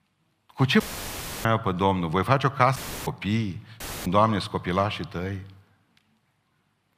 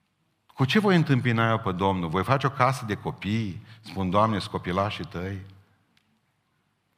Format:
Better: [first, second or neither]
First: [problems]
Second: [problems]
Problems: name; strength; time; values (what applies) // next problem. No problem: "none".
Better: second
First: audio cutting out; filled with static; at 1 s for 0.5 s, at 3 s and at 4 s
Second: none